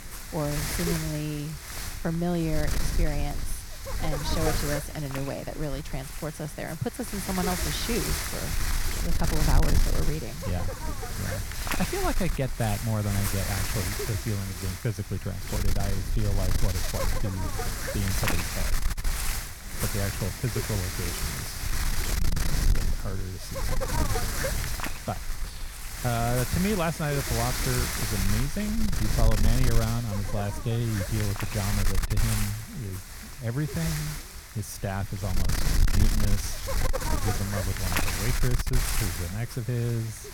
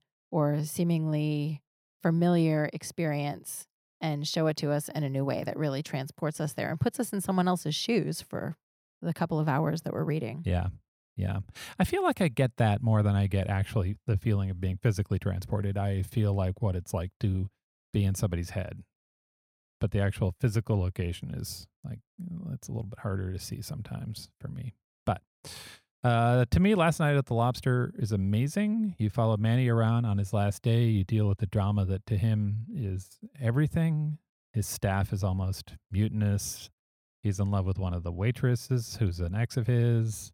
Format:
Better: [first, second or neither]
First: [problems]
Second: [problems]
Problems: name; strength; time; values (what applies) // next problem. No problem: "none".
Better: second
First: wind noise on the microphone; heavy; 2 dB above the speech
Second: none